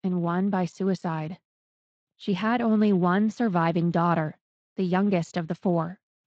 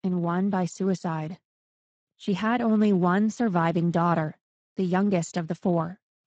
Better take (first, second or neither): first